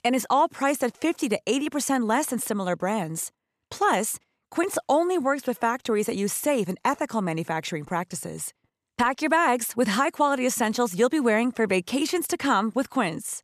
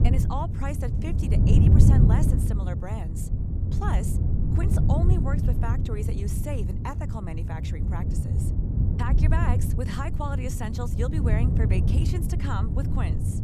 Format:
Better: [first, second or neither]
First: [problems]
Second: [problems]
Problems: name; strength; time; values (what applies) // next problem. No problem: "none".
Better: first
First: none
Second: wind noise on the microphone; heavy; 1 dB below the speech